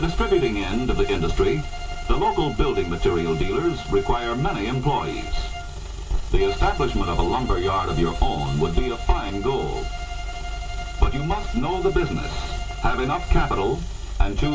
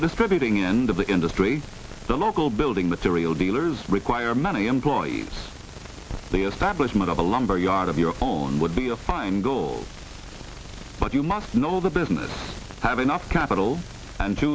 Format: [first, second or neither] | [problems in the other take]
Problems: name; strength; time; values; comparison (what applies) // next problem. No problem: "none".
second | background sound (Bowed string instrument); 15 dB below the speech // room echo; dies away in 0.1 s